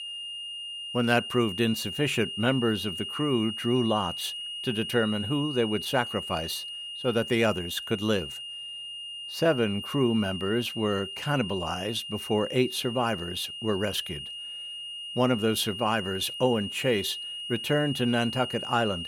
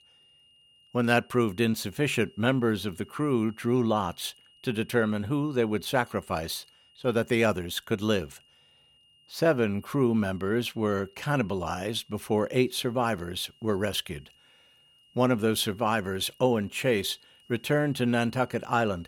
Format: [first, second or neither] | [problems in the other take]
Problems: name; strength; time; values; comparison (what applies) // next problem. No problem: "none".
second | high-pitched whine; loud; throughout; 3 kHz, 7 dB below the speech; faint in the second